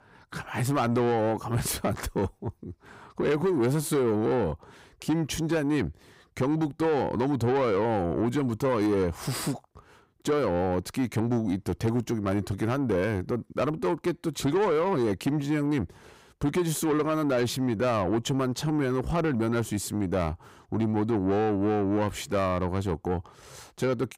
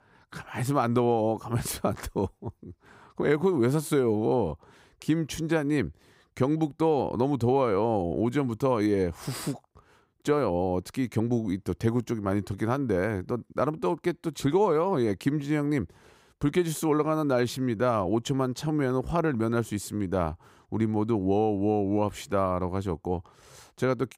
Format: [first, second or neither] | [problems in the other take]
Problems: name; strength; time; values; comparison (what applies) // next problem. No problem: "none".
second | distortion; slight; 10 dB below the speech